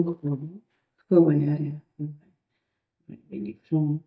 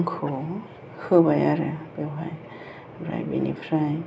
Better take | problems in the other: second | noise reduction (neural mask model DeepFilterNet 3)

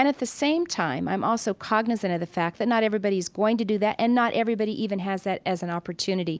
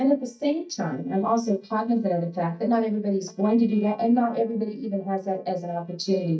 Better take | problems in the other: first | noise reduction (neural mask model DeepFilterNet 3)

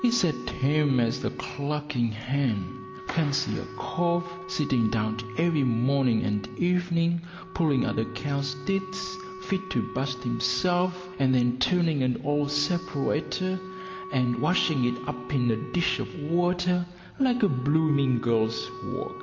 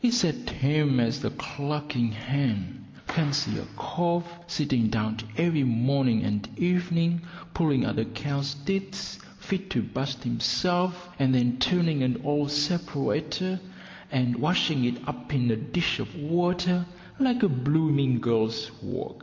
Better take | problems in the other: second | background sound (Wind instrument, woodwind instrument); 15 dB below the speech

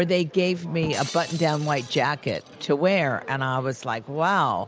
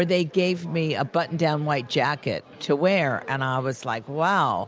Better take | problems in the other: second | background sound (Shatter); 17 dB below the speech

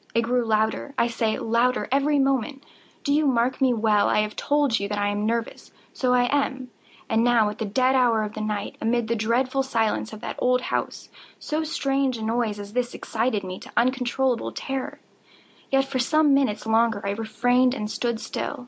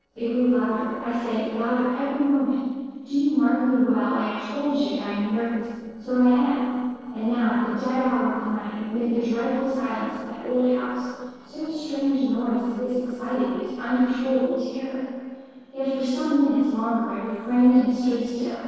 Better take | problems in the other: first | noise reduction (neural separator model SepFormer DNS4)

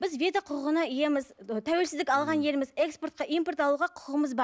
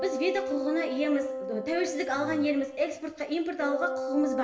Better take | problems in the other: first | background sound (Wind instrument, woodwind instrument); 5 dB below the speech // room echo; dies away in 0.9 s

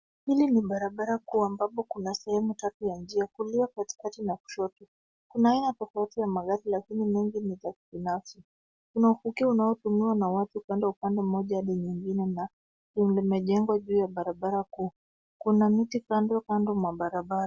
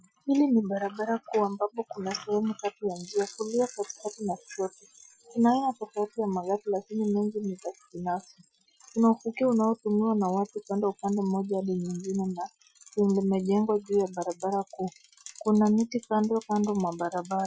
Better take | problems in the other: first | noise reduction (classical method Wiener filter)

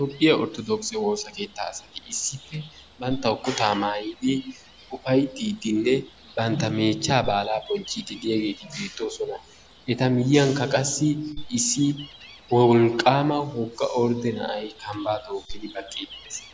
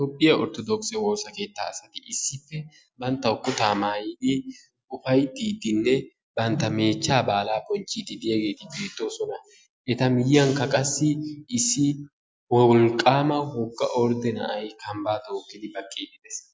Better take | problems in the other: second | background sound (Gull, seagull); 18 dB below the speech

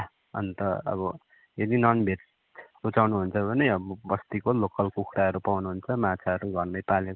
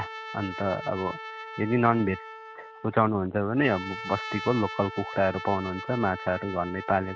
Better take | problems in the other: first | background sound (Trumpet); 11 dB below the speech

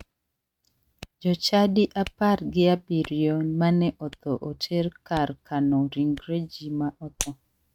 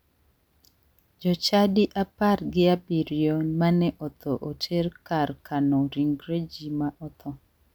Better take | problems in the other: second | noise reduction (neural mask model RNNoise)

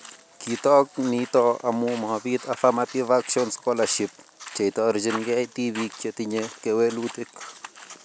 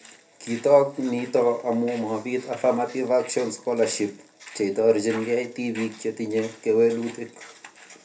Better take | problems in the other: first | room echo; dies away in 0.3 s

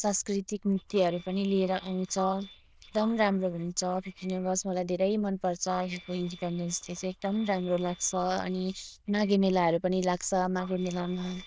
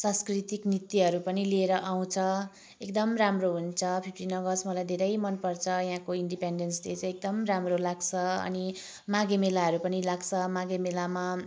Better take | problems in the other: second | noise reduction (neural diffusion model UNIVERSE++)

